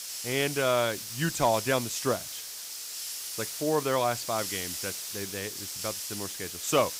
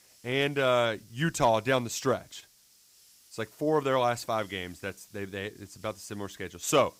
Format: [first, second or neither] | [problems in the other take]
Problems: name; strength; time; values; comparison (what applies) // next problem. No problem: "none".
second | hiss; loud; throughout; 5 dB below the speech; faint in the second